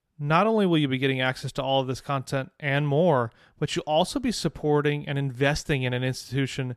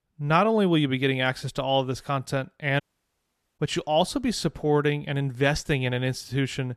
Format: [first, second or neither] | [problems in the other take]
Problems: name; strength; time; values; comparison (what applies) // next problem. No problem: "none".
first | audio cutting out; at 3 s for 1 s